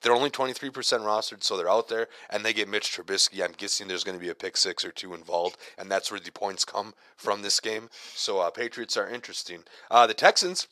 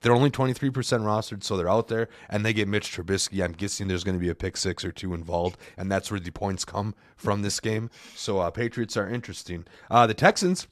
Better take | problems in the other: second | thin; very; fading below 550 Hz

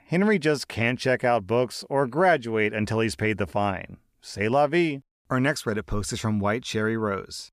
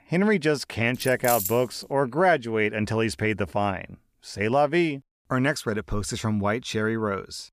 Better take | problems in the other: first | jangling keys; noticeable; at 1 s; peak 2 dB below the speech

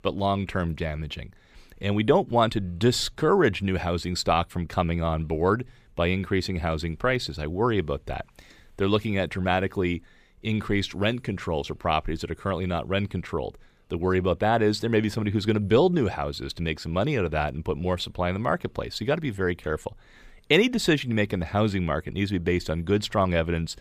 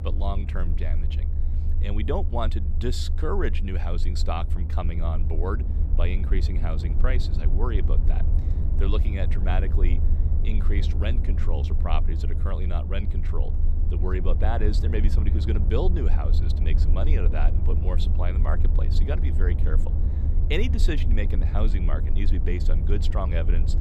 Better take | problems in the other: first | low rumble; loud; throughout; 8 dB below the speech

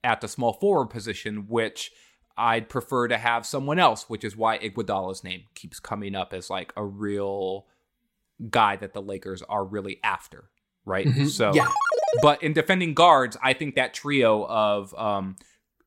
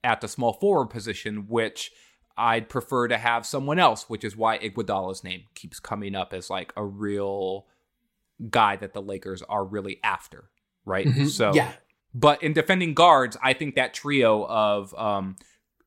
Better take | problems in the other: second | phone ringing; loud; at 12 s; peak 1 dB above the speech

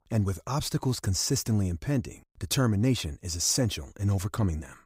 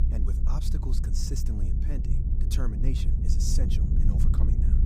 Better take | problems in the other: first | low rumble; loud; throughout; 2 dB below the speech

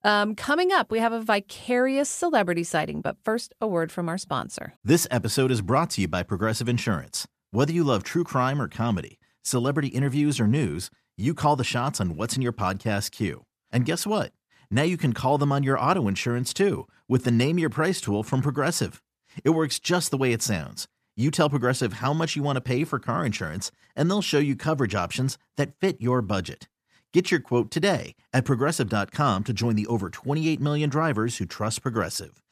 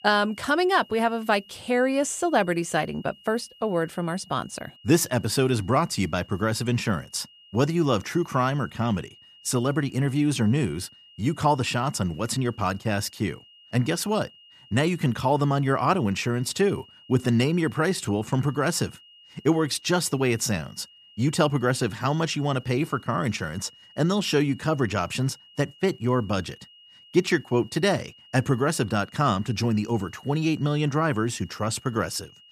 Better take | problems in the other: first | high-pitched whine; faint; throughout; 3 kHz, 25 dB below the speech

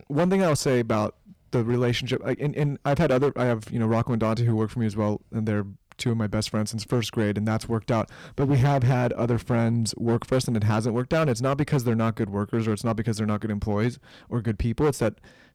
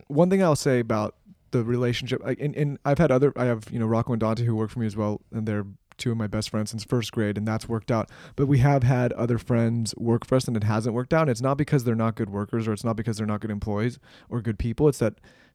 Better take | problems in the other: second | distortion; slight; 8% of the sound clipped

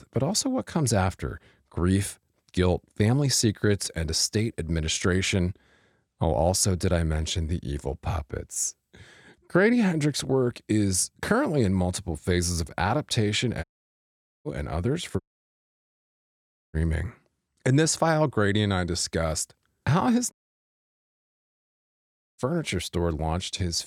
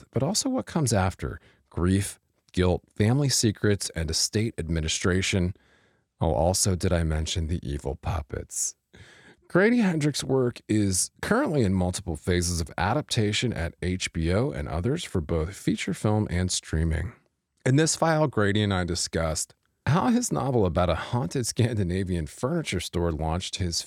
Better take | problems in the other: second | audio cutting out; at 14 s for 1 s, at 15 s for 1.5 s and at 20 s for 2 s

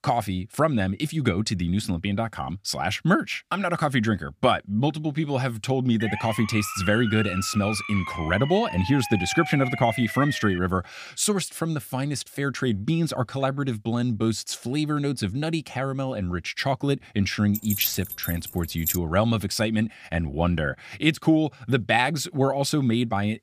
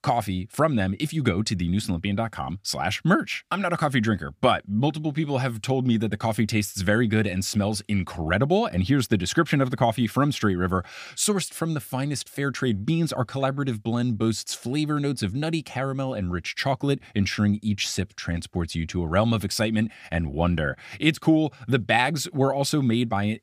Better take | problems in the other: second | siren; noticeable; from 6 to 11 s; peak 6 dB below the speech // jangling keys; noticeable; from 18 to 19 s; peak 1 dB below the speech

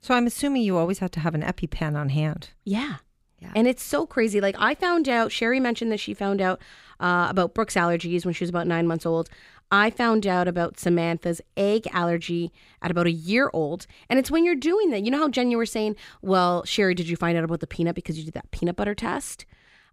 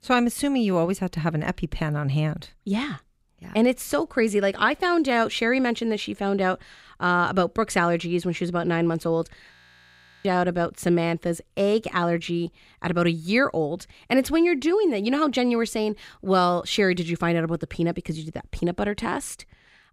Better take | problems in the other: first | audio freezing; at 9.5 s for 0.5 s

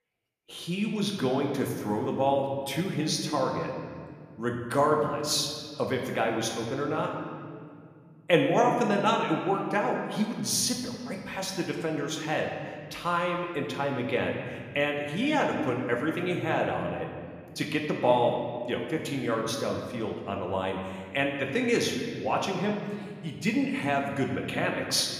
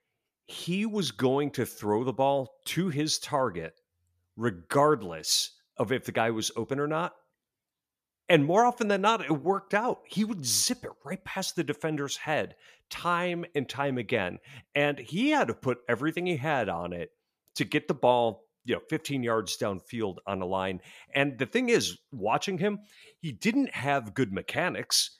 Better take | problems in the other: second | room echo; noticeable; dies away in 1.8 s

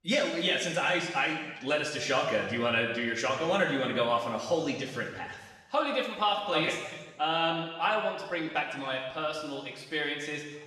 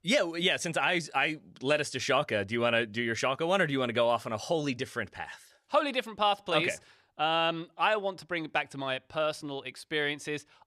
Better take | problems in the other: second | room echo; noticeable; dies away in 1.2 s // off-mic speech; far

